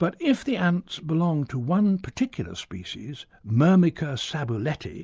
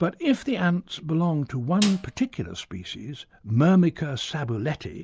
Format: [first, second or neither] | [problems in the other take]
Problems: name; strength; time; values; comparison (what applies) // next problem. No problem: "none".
first | background sound (Snare drum); 11 dB below the speech